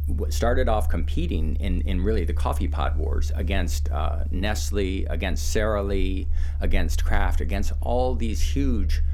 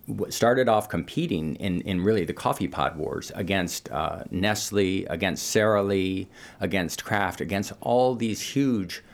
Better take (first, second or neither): second